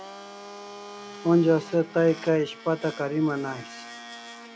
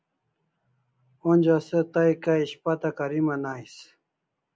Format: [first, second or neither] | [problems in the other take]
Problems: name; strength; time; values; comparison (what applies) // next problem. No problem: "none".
second | background sound (Domestic sounds, home sounds); 16 dB below the speech